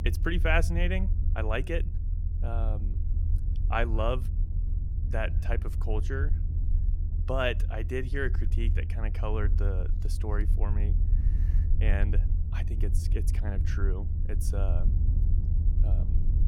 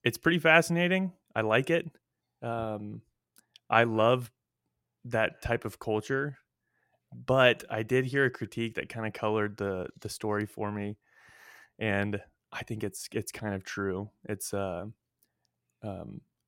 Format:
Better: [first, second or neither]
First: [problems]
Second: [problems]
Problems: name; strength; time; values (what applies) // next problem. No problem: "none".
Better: second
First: low rumble; noticeable; throughout; 15 dB below the speech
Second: none